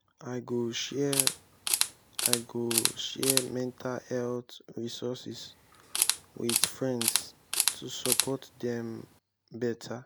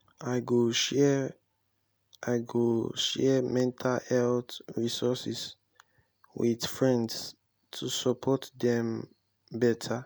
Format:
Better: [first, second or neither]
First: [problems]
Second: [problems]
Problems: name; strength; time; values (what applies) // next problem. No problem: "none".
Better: second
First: background sound (Camera); 3 dB above the speech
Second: none